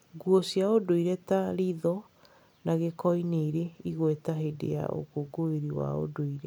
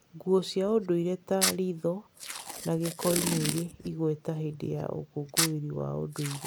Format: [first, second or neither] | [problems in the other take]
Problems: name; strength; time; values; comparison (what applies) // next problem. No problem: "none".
first | background sound (Packing tape, duct tape); 6 dB below the speech